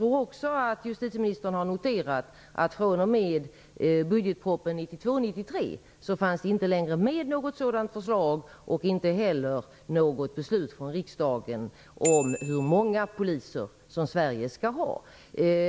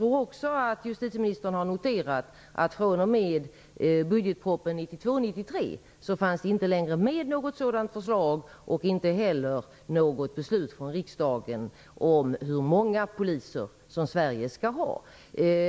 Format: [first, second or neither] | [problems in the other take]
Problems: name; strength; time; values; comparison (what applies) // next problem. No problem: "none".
second | background sound (Bicycle bell); 13 dB below the speech